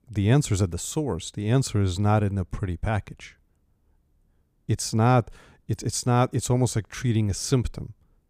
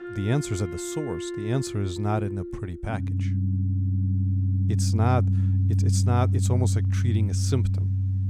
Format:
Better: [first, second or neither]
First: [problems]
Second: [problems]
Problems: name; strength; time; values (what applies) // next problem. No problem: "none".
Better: first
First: none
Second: background music; very loud; throughout; 3 dB above the speech